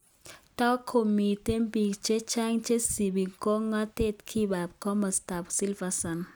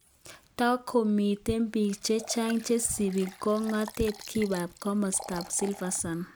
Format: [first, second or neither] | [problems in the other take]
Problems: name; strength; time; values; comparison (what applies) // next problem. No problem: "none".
first | background sound (Liquid); 18 dB below the speech